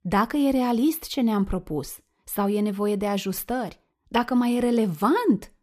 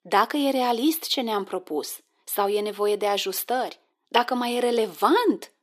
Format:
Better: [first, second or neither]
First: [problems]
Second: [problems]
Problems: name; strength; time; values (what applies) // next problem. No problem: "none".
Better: first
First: none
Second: thin; somewhat; fading below 350 Hz